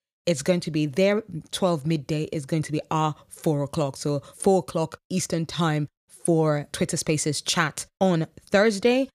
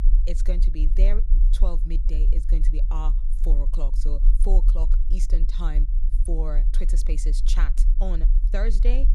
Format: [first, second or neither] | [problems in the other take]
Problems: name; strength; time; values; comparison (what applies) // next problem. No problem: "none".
first | low rumble; noticeable; throughout; 10 dB below the speech